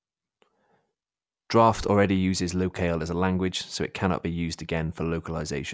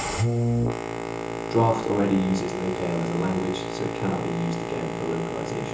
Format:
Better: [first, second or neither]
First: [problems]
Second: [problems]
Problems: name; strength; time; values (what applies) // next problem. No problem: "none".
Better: first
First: none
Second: background sound (Boat, Water vehicle); 1 dB below the speech // room echo; dies away in 0.5 s